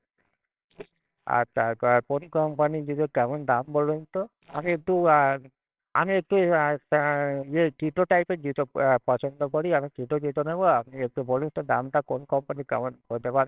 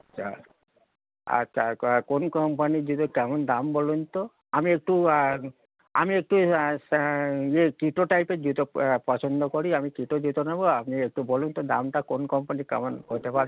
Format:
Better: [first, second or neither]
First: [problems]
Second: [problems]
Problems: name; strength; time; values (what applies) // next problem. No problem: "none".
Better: second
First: noise reduction (neural separator model SepFormer WHAMR!)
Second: none